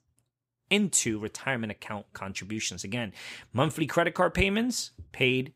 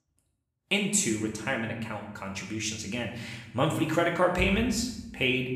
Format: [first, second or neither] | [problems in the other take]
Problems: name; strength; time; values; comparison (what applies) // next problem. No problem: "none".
first | room echo; slight; dies away in 0.8 s // off-mic speech; somewhat distant